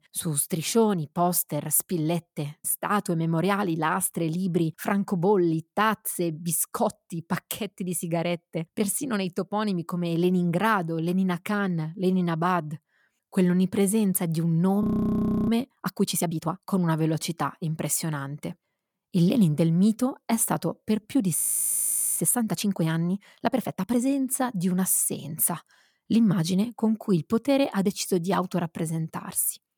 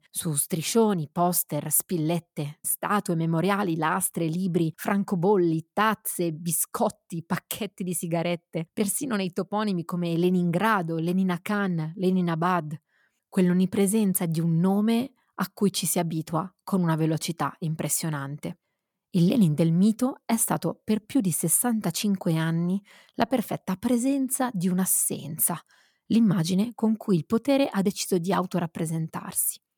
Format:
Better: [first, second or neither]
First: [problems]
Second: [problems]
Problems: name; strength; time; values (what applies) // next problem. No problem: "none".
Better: second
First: audio freezing; at 15 s for 0.5 s and at 21 s for 1 s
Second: none